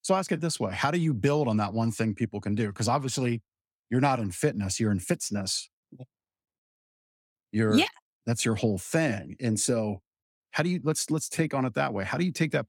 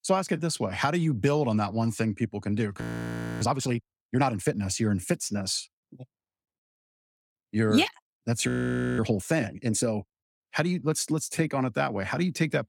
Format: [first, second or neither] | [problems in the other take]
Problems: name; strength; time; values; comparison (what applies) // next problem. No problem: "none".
first | audio freezing; at 3 s for 0.5 s and at 8.5 s for 0.5 s